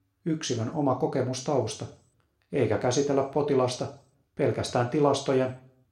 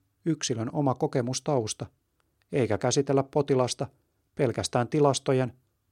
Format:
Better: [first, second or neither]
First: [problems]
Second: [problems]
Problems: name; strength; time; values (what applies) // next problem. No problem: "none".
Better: second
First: room echo; very slight; dies away in 0.4 s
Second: none